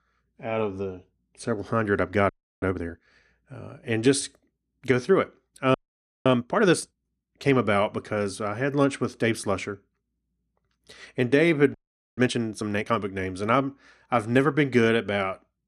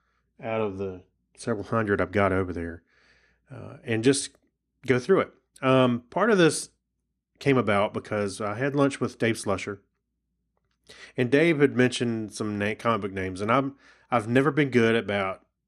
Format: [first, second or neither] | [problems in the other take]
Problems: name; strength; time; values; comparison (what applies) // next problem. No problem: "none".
second | audio freezing; at 2.5 s, at 5.5 s for 0.5 s and at 12 s